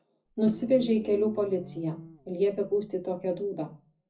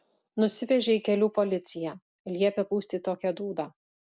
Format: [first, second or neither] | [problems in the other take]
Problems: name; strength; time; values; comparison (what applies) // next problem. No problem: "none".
second | background sound (Guitar); 17 dB below the speech // room echo; dies away in 0.4 s